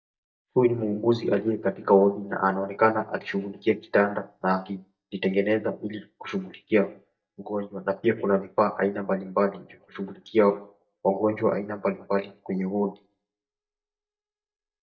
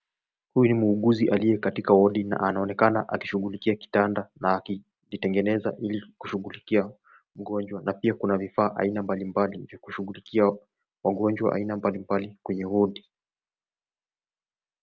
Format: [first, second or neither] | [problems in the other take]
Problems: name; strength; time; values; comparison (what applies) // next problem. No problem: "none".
second | noise reduction (neural mask model DeepFilterNet 3)